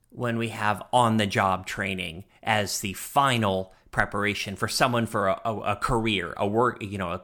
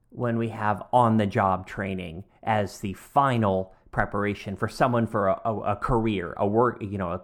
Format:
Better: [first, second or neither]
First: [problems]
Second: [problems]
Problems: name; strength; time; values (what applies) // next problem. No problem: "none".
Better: first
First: none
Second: muffled; slightly; fading above 2 kHz